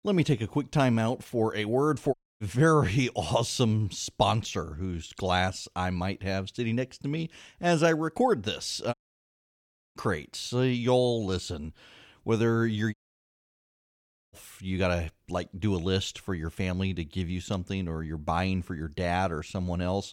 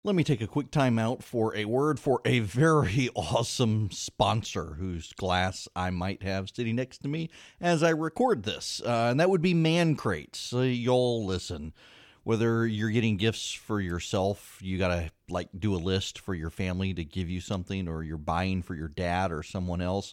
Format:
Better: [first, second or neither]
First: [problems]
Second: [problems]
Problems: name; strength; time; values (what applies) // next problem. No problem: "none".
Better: second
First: audio cutting out; at 2 s, at 9 s for 1 s and at 13 s for 1.5 s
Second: none